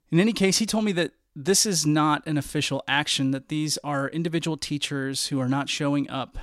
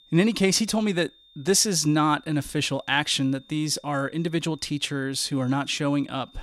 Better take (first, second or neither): first